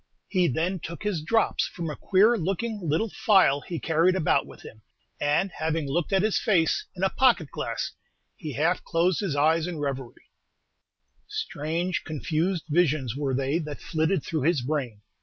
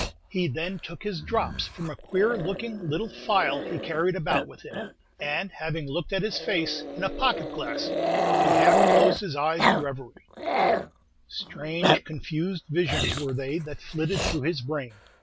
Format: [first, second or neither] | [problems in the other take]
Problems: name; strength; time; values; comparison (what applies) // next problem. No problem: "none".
first | background sound (Growling); 1 dB above the speech